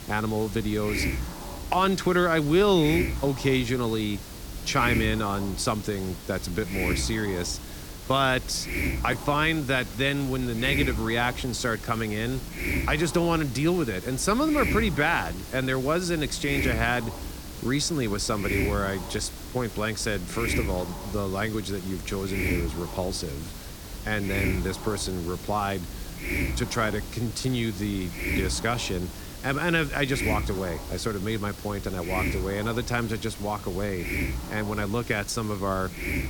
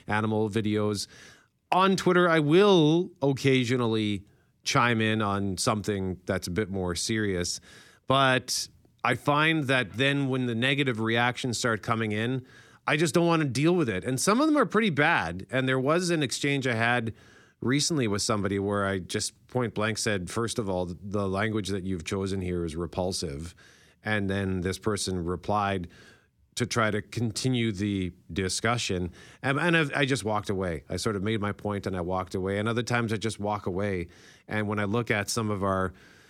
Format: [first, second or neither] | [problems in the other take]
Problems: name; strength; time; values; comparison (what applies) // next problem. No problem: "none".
second | hiss; loud; throughout; 6 dB below the speech